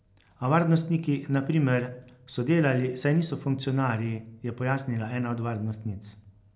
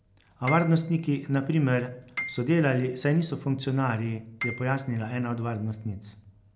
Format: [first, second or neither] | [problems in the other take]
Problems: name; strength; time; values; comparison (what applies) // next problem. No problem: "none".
first | background sound (Piano); 14 dB below the speech